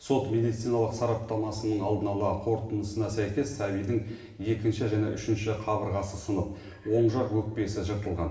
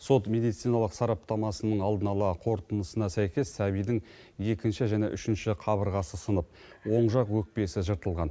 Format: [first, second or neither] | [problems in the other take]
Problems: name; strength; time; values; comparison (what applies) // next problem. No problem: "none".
second | room echo; dies away in 1 s